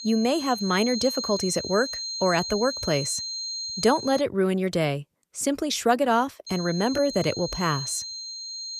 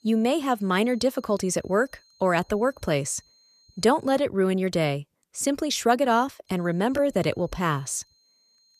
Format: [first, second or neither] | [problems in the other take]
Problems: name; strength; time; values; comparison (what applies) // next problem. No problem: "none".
second | high-pitched whine; loud; until 4 s and from 6.5 s on; 4 kHz, 6 dB below the speech; faint in the second